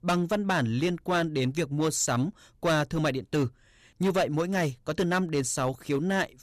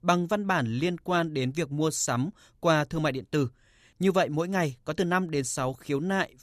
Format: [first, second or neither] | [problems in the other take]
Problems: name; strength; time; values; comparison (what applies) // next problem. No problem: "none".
second | distortion; slight; 7% of the sound clipped